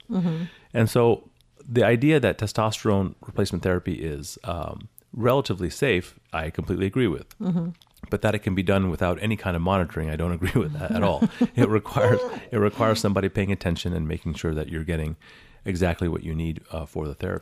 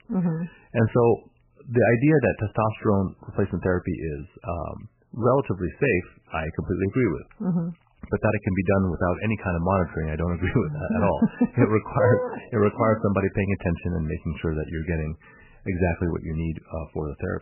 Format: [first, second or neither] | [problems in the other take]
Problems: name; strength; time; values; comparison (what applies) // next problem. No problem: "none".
first | garbled, watery; badly; nothing above 2.5 kHz